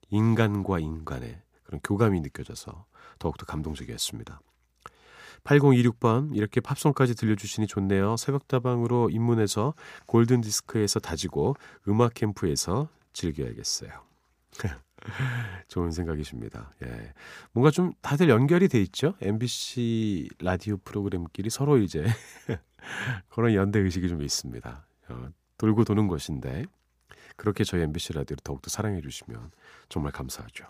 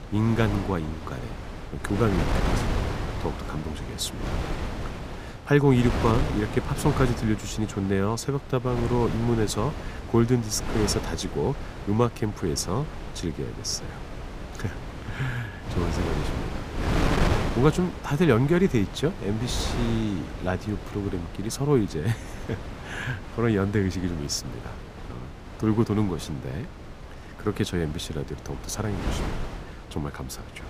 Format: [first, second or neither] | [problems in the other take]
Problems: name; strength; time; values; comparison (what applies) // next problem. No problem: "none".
first | wind noise on the microphone; heavy; 6 dB below the speech